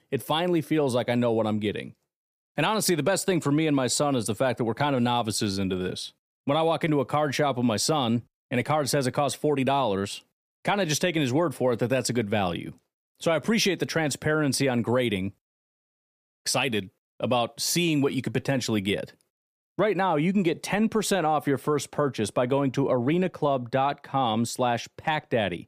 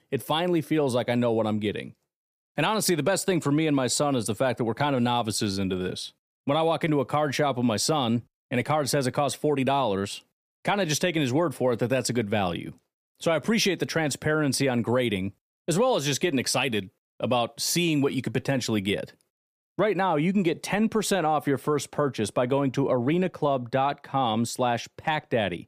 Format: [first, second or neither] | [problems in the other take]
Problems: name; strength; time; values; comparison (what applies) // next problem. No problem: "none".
second | audio cutting out; at 15 s for 1 s